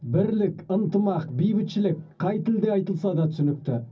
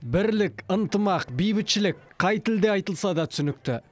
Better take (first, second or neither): second